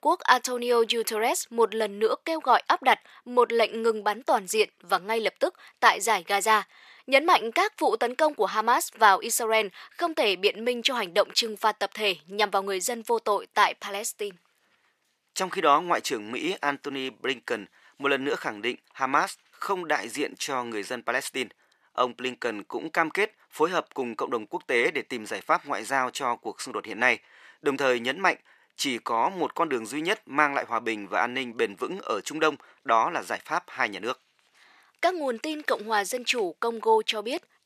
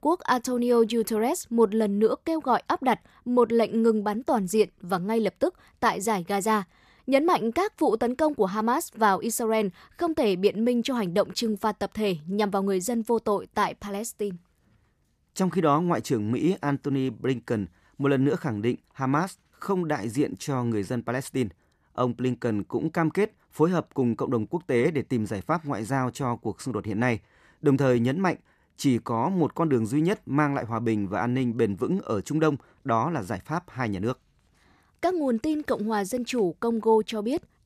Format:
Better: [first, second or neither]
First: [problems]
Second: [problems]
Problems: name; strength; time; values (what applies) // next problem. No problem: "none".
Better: second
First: thin; very; fading below 550 Hz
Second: none